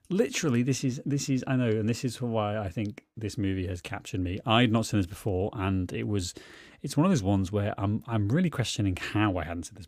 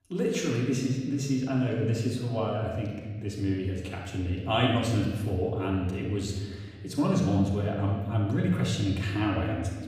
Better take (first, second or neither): first